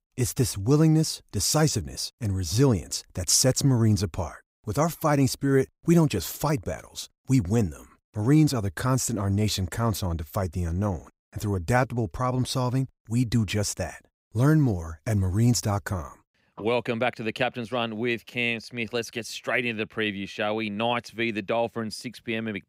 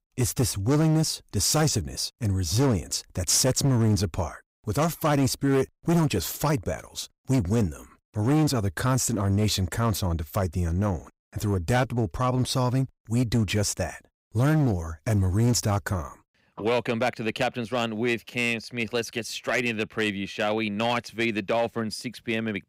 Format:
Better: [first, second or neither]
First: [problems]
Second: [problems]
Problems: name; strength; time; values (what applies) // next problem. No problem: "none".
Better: first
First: none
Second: distortion; slight; 7% of the sound clipped